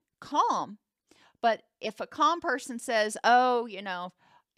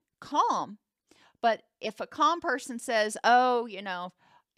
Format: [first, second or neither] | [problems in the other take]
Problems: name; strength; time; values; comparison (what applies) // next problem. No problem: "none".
neither | none